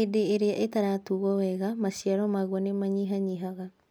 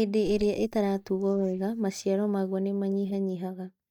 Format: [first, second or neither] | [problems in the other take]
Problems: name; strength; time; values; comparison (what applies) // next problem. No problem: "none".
first | noise reduction (neural mask model DeepFilterNet 3)